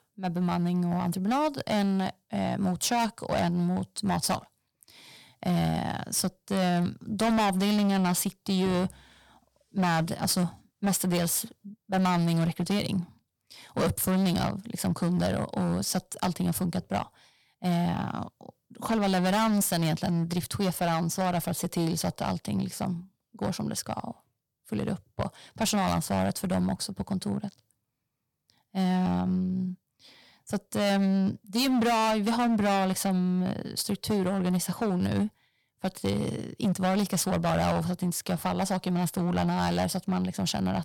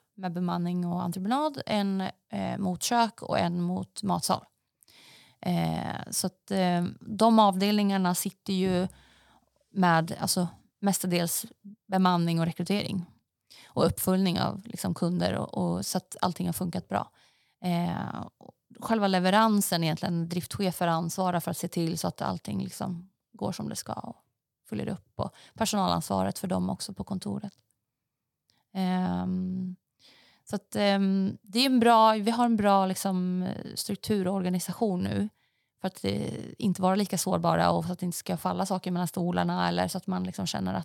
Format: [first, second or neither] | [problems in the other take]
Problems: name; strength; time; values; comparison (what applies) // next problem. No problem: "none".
second | distortion; heavy; 11% of the sound clipped